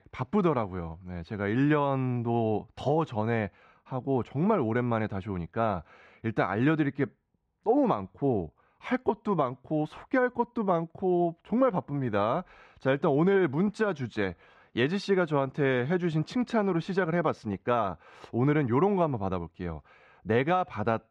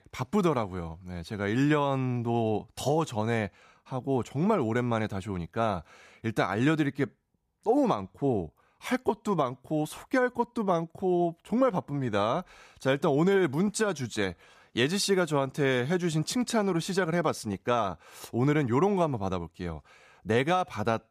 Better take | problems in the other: second | muffled; slightly; fading above 2.5 kHz

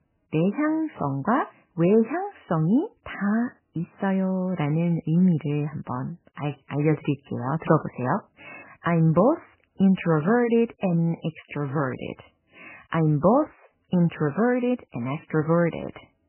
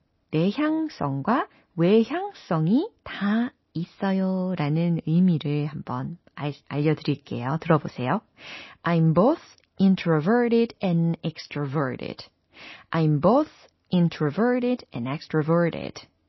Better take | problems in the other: second | garbled, watery; badly; nothing above 3 kHz; slightly in the second

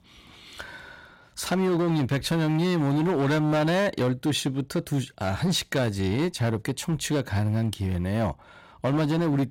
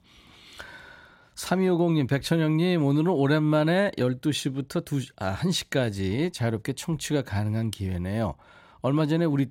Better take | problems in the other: second | distortion; slight; 15% of the sound clipped

